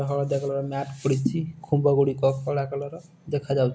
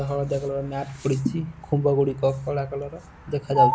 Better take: first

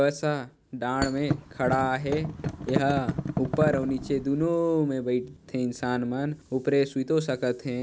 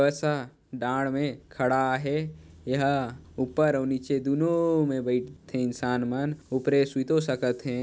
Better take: second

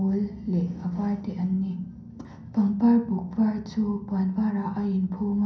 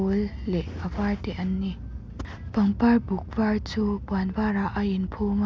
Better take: second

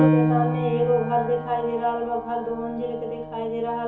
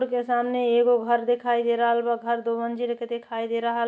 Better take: second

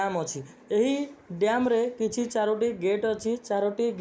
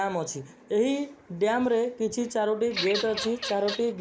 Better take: first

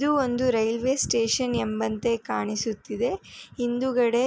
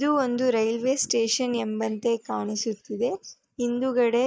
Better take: first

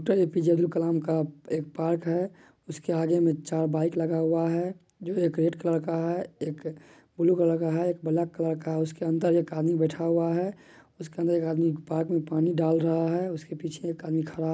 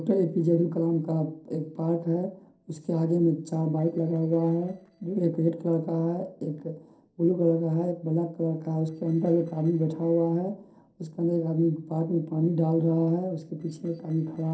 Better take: first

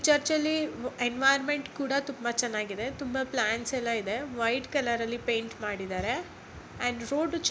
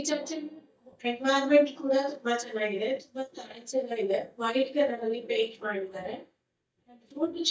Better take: first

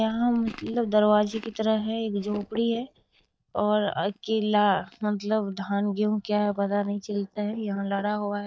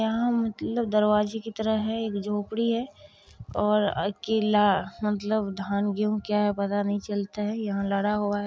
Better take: second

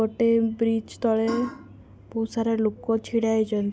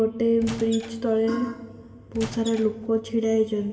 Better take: first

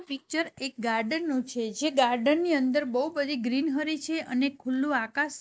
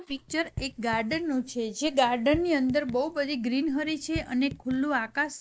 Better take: first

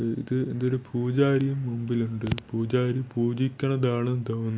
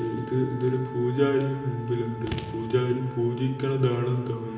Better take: first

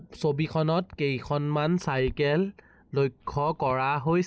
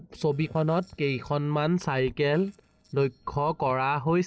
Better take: first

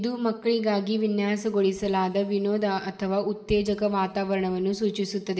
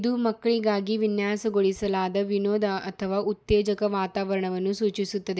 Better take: second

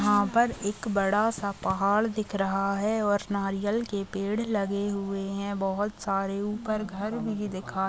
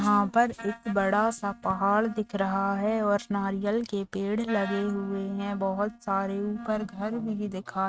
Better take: first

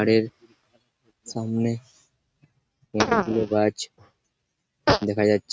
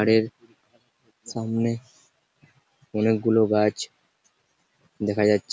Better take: second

